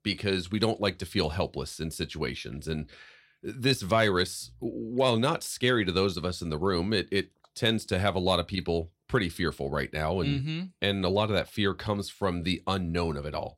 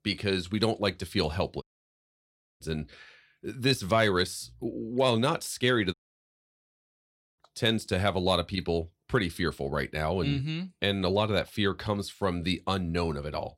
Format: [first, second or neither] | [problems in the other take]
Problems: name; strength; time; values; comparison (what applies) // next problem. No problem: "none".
first | audio cutting out; at 1.5 s for 1 s and at 6 s for 1.5 s